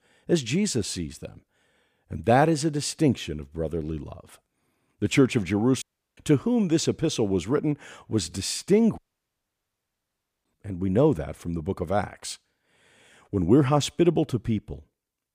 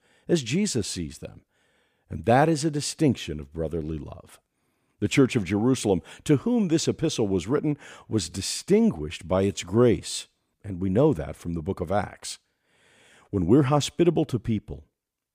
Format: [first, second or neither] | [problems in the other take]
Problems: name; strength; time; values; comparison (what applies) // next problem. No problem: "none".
second | audio cutting out; at 6 s and at 9 s for 1.5 s